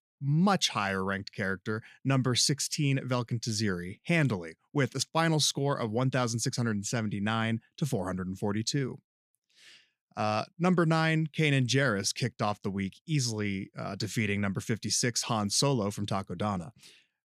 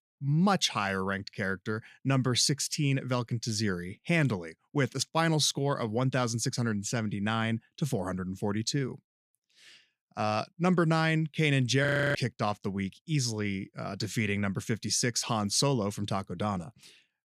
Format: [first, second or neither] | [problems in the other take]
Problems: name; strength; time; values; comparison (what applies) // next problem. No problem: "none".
first | audio freezing; at 12 s